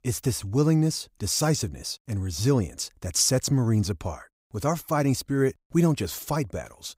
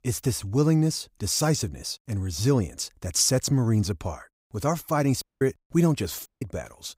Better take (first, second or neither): first